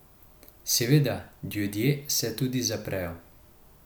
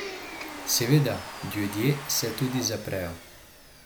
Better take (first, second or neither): first